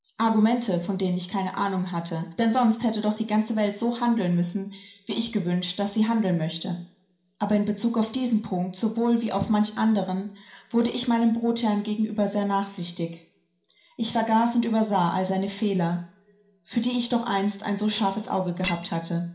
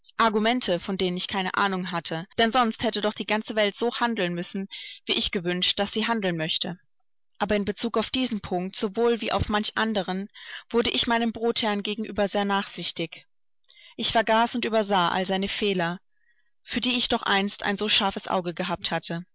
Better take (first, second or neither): second